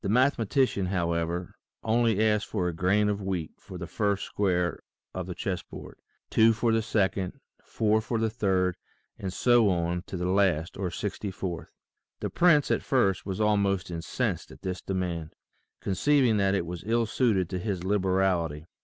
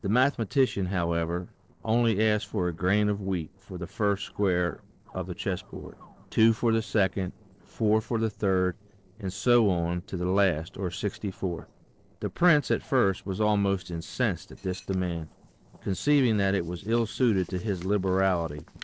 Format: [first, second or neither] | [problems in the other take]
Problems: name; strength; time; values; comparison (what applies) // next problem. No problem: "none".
first | noise reduction (neural separator model SepFormer DNS4)